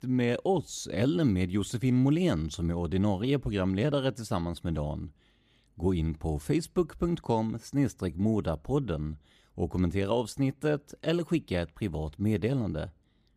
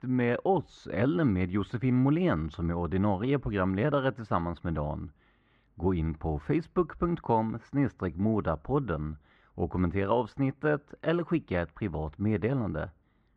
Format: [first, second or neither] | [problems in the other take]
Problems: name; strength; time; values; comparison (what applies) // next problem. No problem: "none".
first | muffled; very; fading above 2 kHz